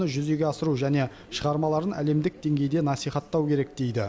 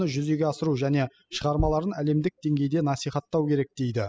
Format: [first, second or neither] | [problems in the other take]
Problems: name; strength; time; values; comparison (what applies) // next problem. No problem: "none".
first | noise reduction (classical method spectral subtraction)